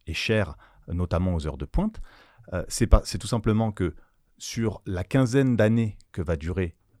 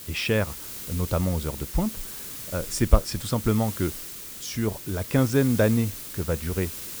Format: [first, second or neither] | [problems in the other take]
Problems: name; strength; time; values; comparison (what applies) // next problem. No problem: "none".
first | hiss; loud; throughout; 9 dB below the speech